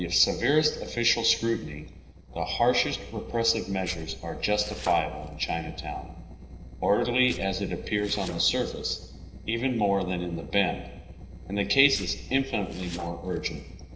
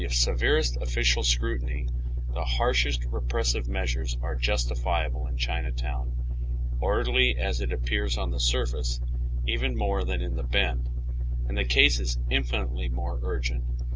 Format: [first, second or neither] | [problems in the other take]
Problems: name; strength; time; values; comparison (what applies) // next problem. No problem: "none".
second | noise reduction (neural separator model SepFormer DNS4)